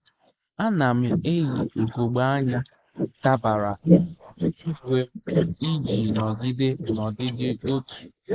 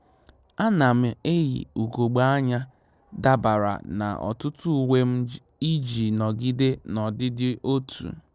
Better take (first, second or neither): second